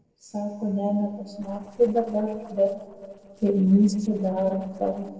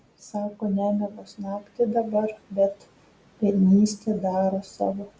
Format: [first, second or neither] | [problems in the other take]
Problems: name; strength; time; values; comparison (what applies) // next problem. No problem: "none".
second | noise reduction (neural separator model SepFormer DNS4)